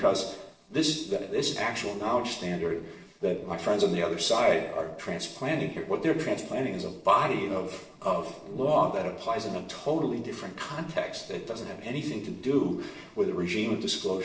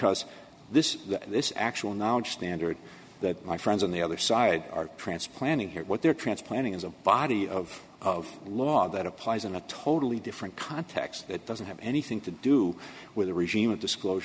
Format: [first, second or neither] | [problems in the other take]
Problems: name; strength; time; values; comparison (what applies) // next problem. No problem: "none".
second | noise reduction (neural separator model SepFormer DNS4)